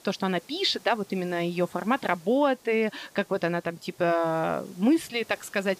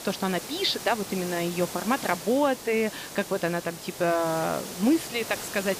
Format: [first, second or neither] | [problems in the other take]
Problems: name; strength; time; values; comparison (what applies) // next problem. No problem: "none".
first | hiss; loud; throughout; 9 dB below the speech; faint in the first